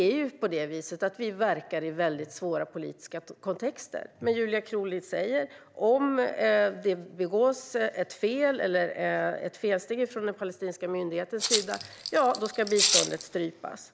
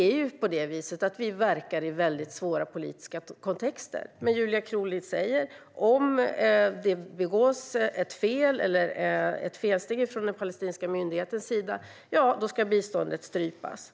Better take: second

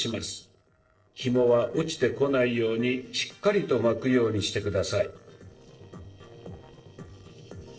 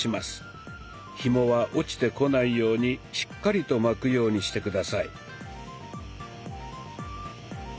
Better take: second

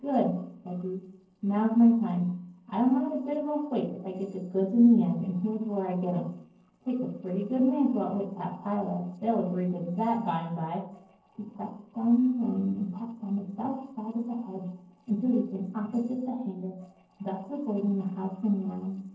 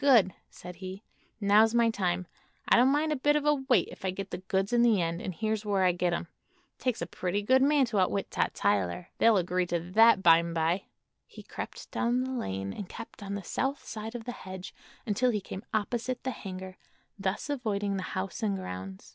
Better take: second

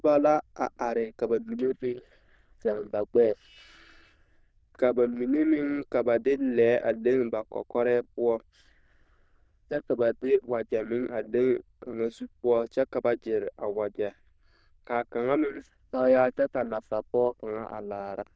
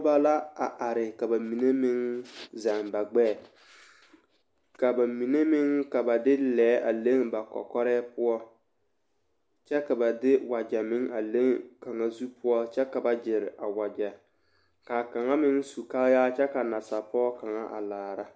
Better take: second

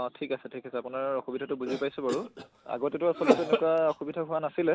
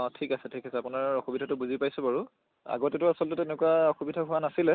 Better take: second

